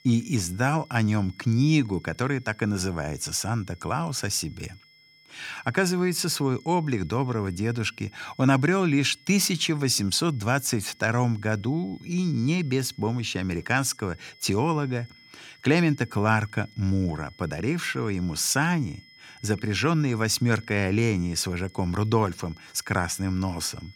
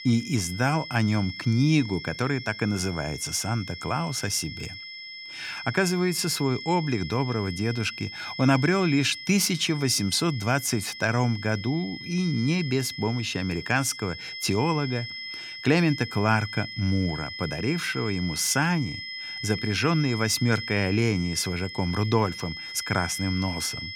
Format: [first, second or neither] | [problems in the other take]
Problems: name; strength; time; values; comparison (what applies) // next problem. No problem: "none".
first | high-pitched whine; loud; throughout; 2 kHz, 10 dB below the speech; faint in the first